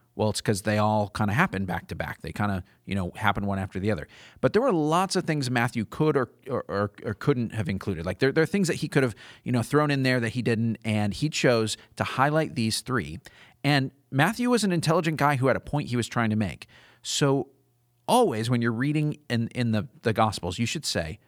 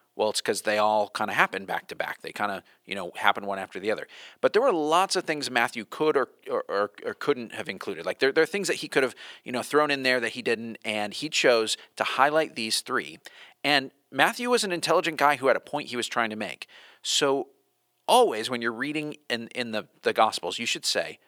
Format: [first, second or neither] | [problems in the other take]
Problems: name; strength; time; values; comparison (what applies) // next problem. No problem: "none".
first | thin; somewhat; fading below 450 Hz